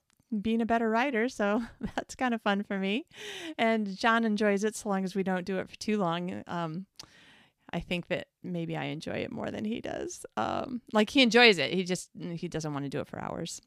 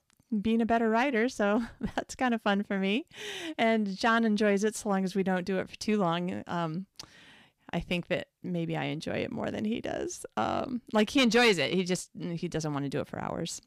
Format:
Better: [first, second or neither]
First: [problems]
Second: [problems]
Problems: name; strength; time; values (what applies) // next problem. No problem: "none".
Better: first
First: none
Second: distortion; slight; 10 dB below the speech